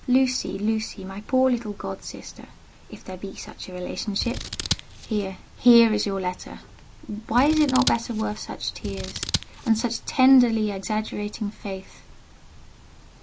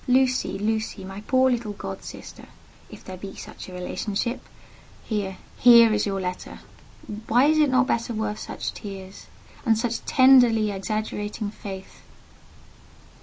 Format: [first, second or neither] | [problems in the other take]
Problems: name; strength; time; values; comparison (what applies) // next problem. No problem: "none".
second | background sound (Scissors); 8 dB below the speech